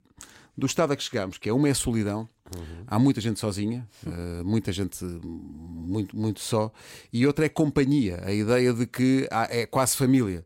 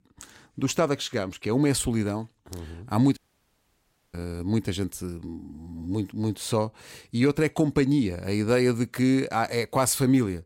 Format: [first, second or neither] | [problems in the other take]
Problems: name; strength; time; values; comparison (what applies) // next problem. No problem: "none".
first | audio cutting out; at 3 s for 1 s